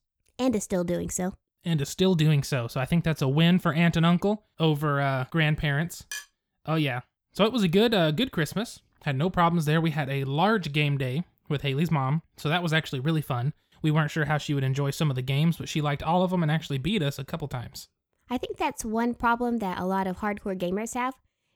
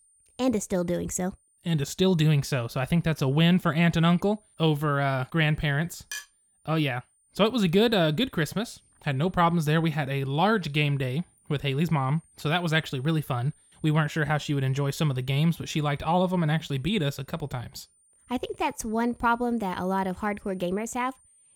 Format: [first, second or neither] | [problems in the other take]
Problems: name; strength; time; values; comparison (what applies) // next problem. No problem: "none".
first | high-pitched whine; faint; throughout; 9 kHz, 35 dB below the speech